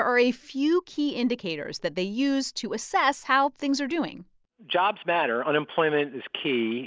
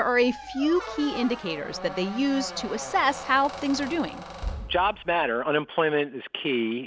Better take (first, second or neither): first